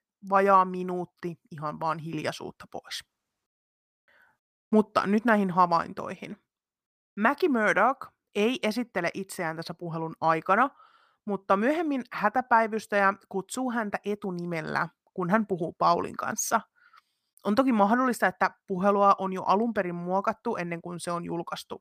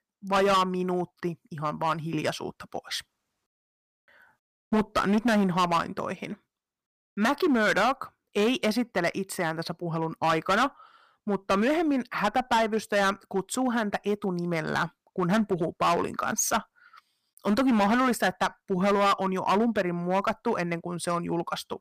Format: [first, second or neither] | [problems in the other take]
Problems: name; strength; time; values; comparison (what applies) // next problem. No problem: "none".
first | distortion; heavy; 8% of the sound clipped